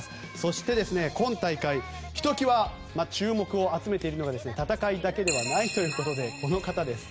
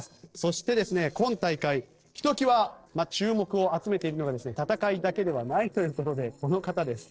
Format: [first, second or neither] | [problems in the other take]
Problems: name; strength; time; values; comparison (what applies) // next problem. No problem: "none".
first | noise reduction (neural separator model SepFormer DNS4)